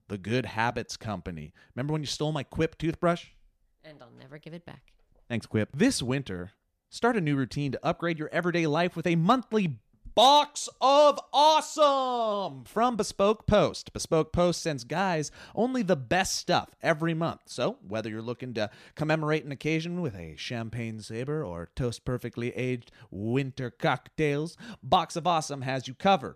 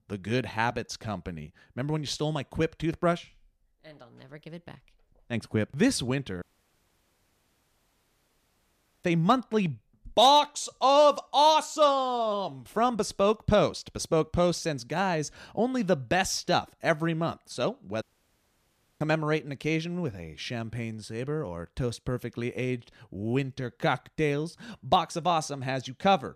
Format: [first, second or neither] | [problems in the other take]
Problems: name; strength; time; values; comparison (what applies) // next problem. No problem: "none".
first | audio cutting out; at 6.5 s for 2.5 s and at 18 s for 1 s